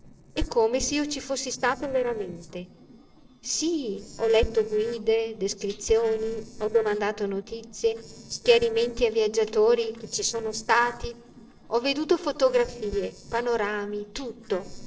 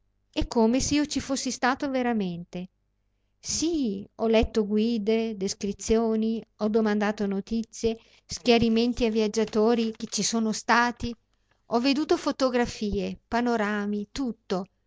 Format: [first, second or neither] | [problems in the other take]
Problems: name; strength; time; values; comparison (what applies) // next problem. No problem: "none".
second | noise reduction (neural separator model SepFormer DNS4)